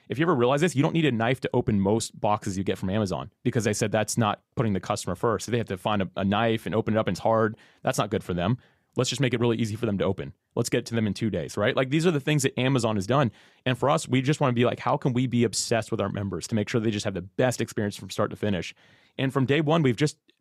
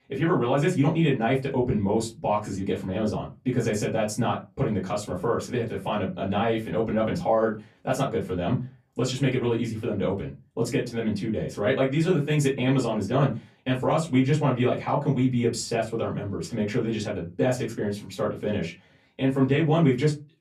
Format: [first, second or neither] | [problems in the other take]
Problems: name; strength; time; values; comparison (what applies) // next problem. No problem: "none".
first | off-mic speech; far // room echo; very slight; dies away in 0.3 s